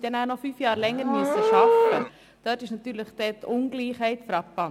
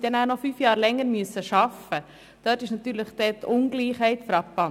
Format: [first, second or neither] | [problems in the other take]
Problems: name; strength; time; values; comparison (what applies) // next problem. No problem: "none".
second | background sound (Livestock, farm animals, working animals); 1 dB above the speech